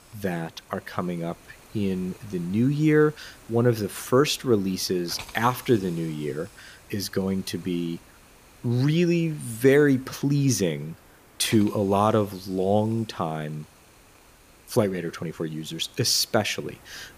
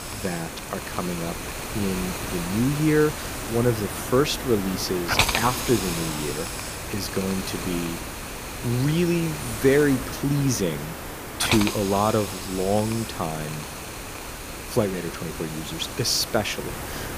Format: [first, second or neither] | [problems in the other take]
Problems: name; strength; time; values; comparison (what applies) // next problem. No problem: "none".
first | hiss; loud; throughout; 5 dB below the speech; faint in the first